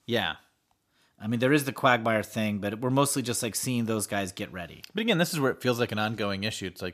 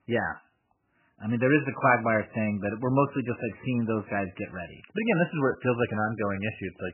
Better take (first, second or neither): first